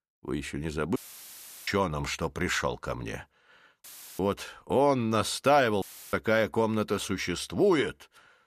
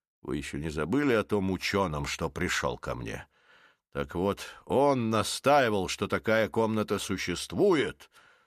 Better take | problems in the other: second | audio cutting out; filled with static; at 1 s for 0.5 s, at 4 s and at 6 s

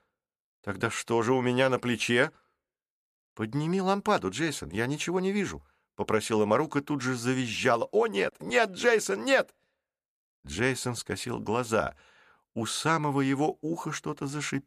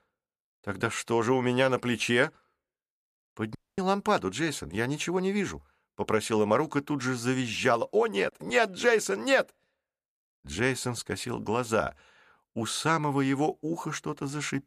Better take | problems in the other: first | audio cutting out; at 3.5 s

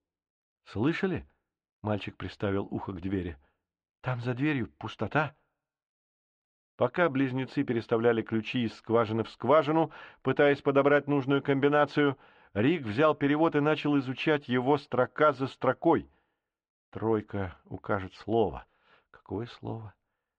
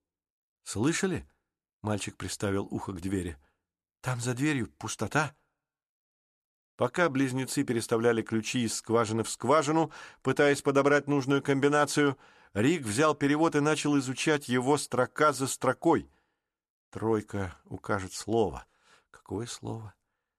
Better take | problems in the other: second | muffled; very; fading above 3 kHz

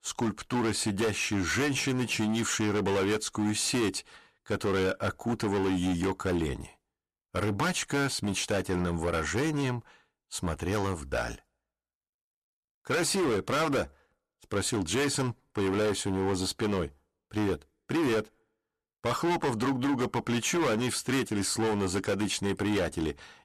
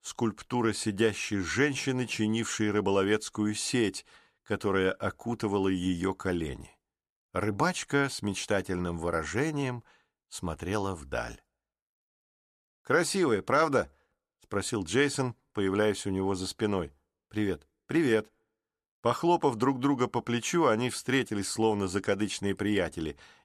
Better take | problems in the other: second | distortion; heavy; 17% of the sound clipped

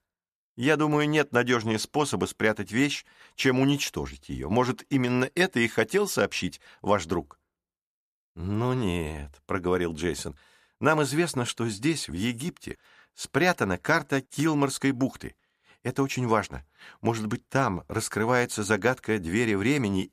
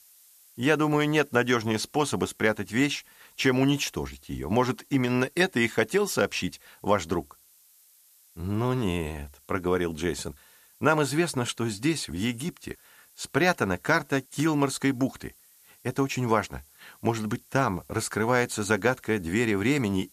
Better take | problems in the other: first | hiss; faint; throughout; 30 dB below the speech

